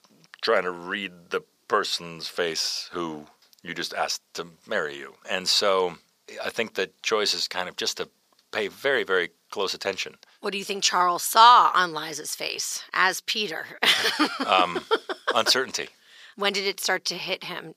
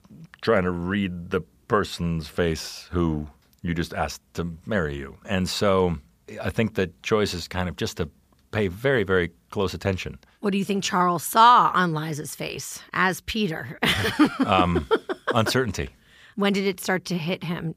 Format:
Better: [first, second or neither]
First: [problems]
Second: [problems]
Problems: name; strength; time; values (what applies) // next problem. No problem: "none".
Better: second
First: thin; somewhat; fading below 450 Hz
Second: none